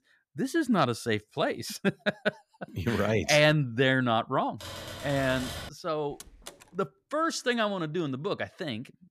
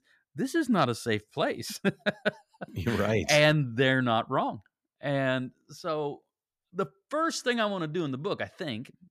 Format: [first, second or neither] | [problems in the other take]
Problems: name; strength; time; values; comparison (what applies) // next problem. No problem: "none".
second | keyboard typing; noticeable; from 4.5 to 5.5 s; peak 8 dB below the speech // door banging; faint; at 6 s; peak 20 dB below the speech